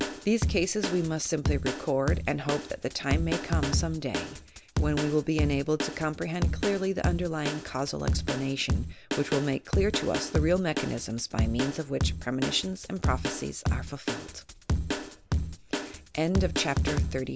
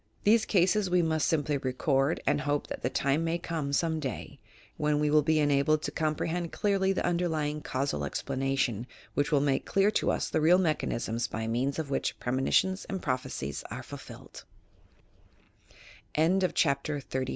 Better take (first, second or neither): second